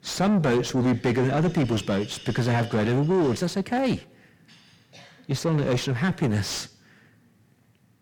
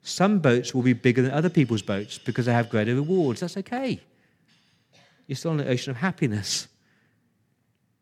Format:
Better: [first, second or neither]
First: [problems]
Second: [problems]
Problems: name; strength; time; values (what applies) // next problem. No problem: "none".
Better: second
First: distortion; heavy; 6 dB below the speech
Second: none